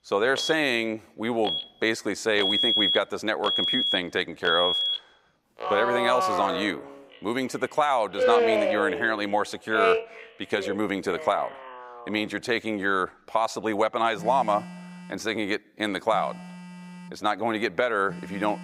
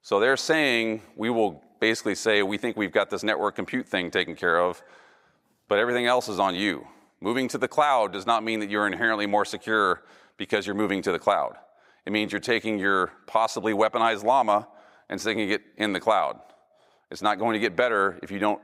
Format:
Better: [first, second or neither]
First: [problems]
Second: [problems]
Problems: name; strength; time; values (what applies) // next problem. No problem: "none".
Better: second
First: alarms or sirens; very loud; throughout; as loud as the speech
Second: none